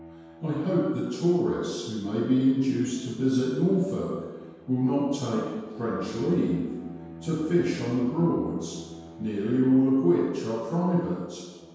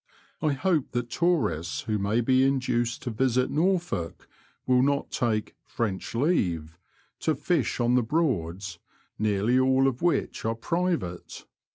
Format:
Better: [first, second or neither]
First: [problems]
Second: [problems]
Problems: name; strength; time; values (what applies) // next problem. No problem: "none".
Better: second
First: background sound (Bowed string instrument); 19 dB below the speech // room echo; dies away in 1.2 s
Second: none